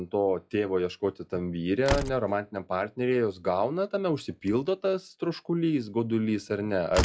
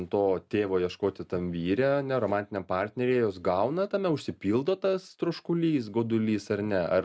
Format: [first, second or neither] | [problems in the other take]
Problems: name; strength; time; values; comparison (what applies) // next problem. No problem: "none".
second | noise reduction (classical method log-MMSE)